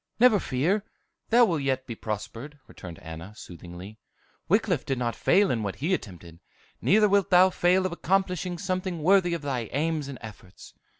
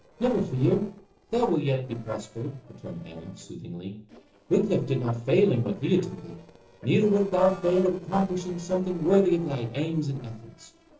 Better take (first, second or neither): first